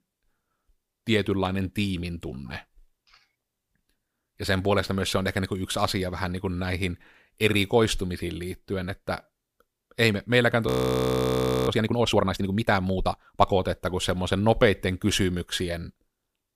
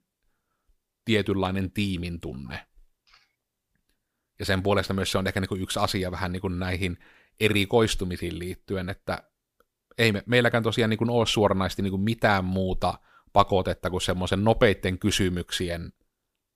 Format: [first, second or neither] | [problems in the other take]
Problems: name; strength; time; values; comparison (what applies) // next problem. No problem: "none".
second | audio freezing; at 11 s for 1 s